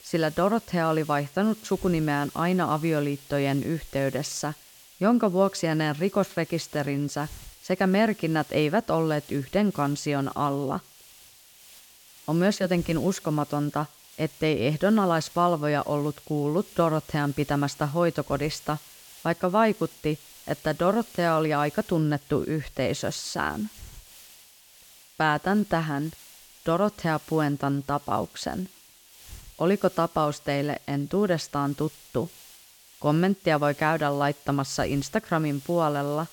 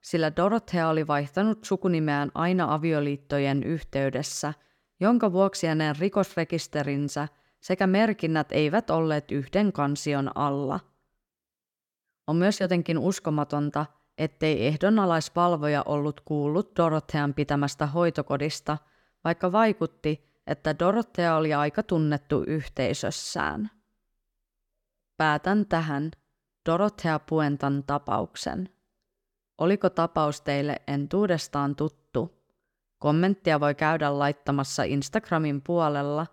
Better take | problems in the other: second | hiss; faint; throughout; 20 dB below the speech

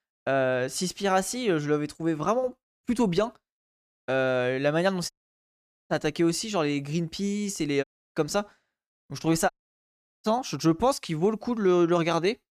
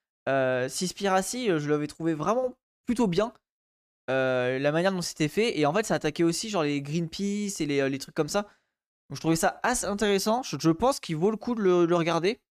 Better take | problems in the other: second | audio cutting out; at 5 s for 1 s, at 8 s and at 9.5 s for 0.5 s

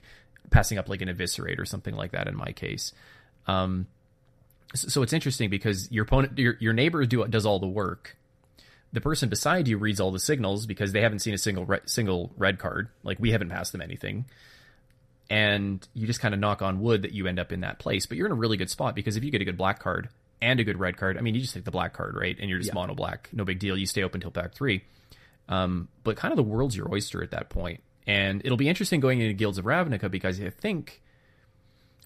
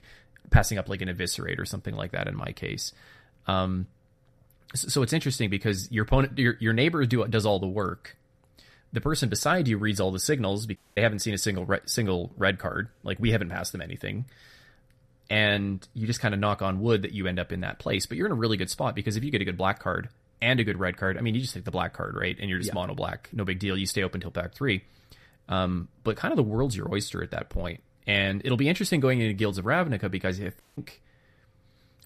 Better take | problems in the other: first | audio cutting out; at 11 s and at 31 s

